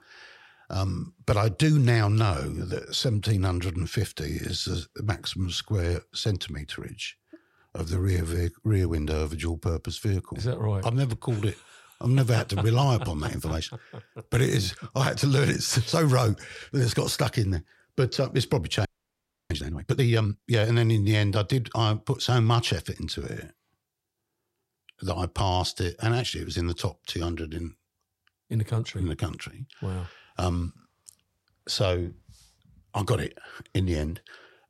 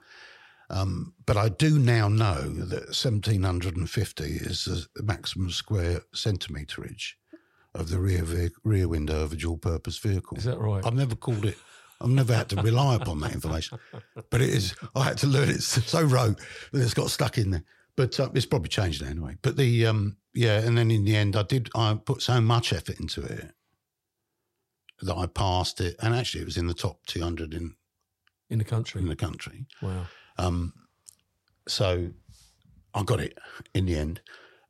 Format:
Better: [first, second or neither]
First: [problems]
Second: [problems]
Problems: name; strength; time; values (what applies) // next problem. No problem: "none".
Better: second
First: audio freezing; at 19 s for 0.5 s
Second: none